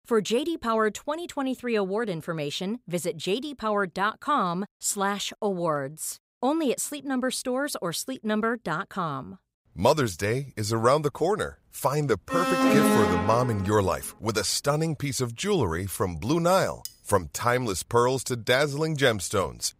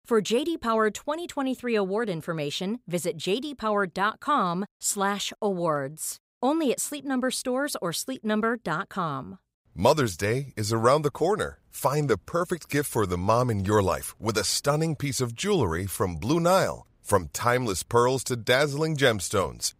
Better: second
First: alarm; loud; from 12 to 14 s; peak 6 dB above the speech // clattering dishes; very faint; at 17 s; peak 15 dB below the speech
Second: none

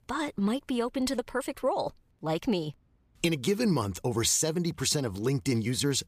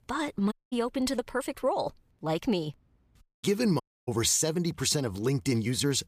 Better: first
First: none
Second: audio cutting out; at 0.5 s, at 3 s and at 4 s

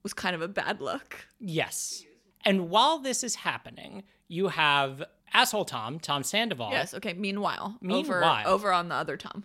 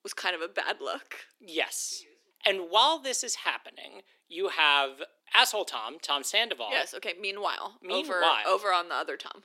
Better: first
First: none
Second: thin; very; fading below 300 Hz

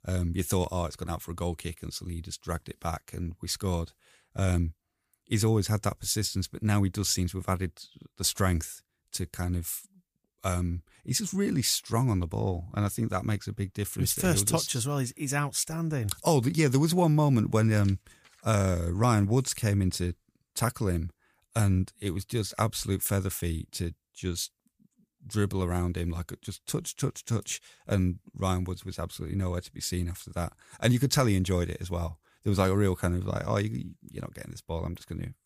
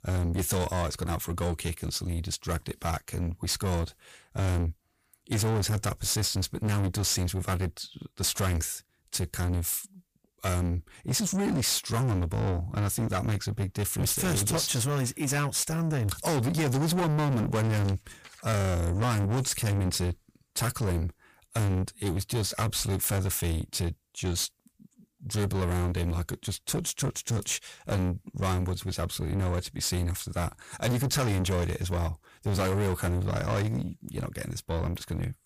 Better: first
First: none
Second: distortion; heavy; 6 dB below the speech

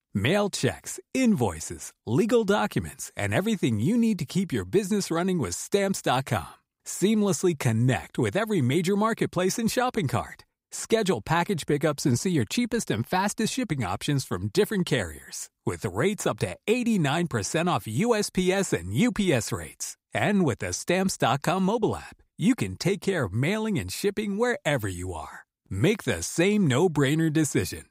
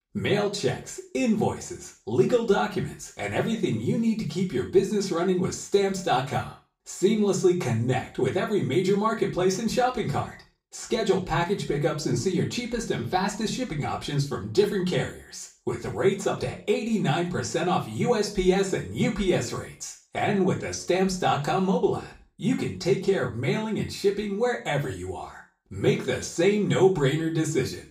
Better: first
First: none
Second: room echo; slight; dies away in 0.3 s // off-mic speech; far

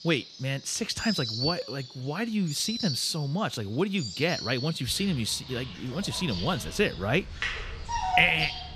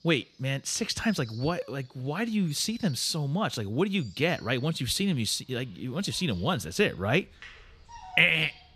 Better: second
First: animal sounds; loud; throughout; 6 dB below the speech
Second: animal sounds; faint; throughout; 20 dB below the speech

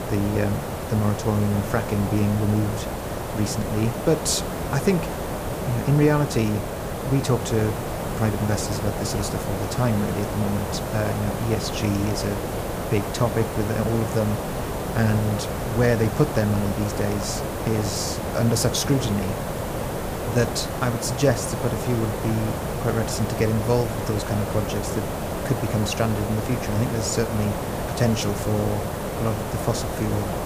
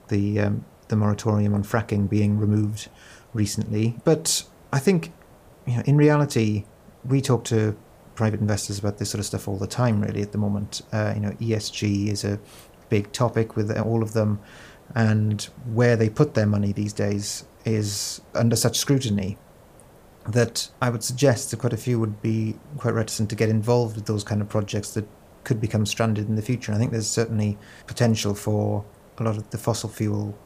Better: second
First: hiss; loud; throughout; 4 dB below the speech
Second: hiss; faint; throughout; 25 dB below the speech

